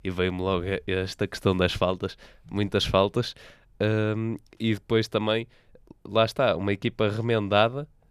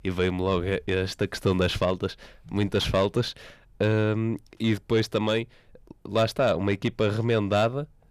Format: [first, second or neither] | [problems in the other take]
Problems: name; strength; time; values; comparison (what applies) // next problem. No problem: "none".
first | distortion; slight; 10 dB below the speech